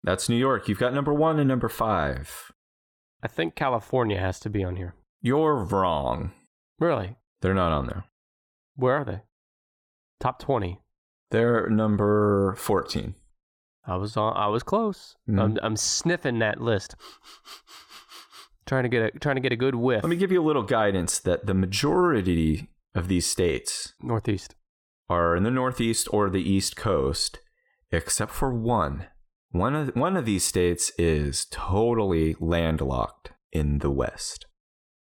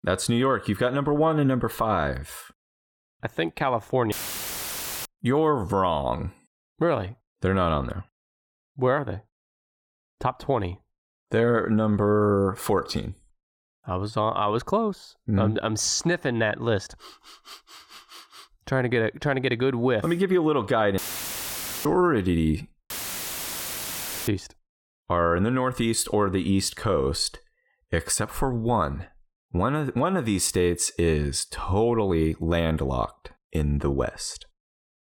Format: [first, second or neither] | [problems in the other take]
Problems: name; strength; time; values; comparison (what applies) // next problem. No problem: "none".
first | audio cutting out; filled with static; at 4 s for 1 s, at 21 s for 1 s and at 23 s for 1.5 s